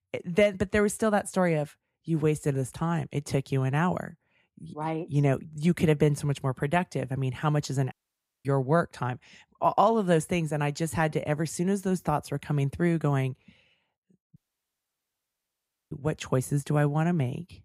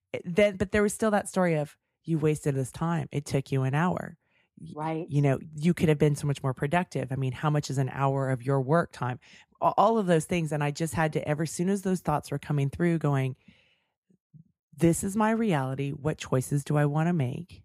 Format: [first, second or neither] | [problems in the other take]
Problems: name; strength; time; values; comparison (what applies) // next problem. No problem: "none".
second | audio cutting out; at 8 s for 0.5 s and at 14 s for 1.5 s